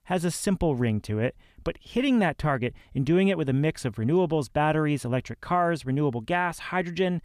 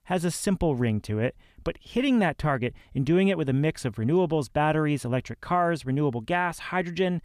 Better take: neither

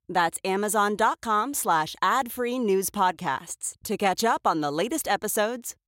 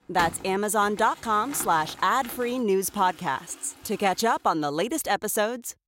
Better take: first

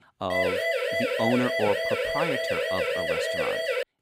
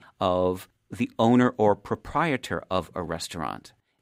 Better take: second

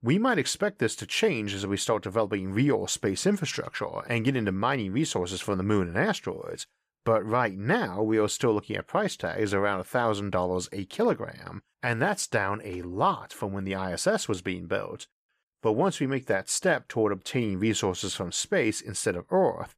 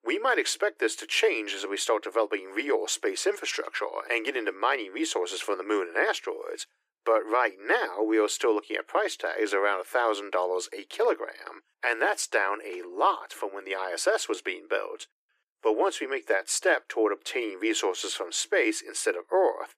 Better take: first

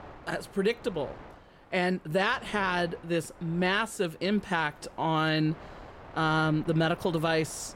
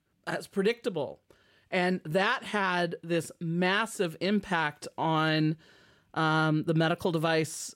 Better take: second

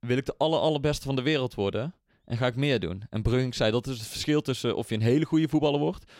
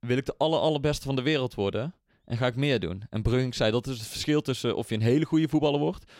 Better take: neither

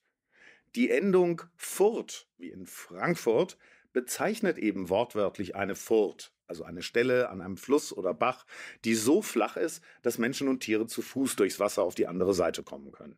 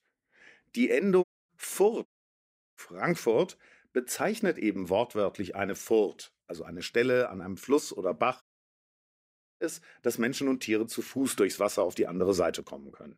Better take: first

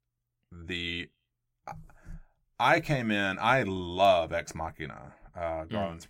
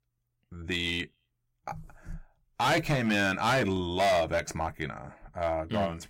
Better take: first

